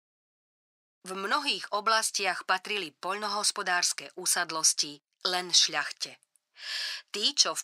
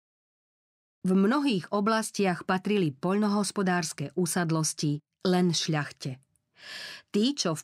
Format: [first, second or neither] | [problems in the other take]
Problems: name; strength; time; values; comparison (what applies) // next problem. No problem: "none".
second | thin; very; fading below 850 Hz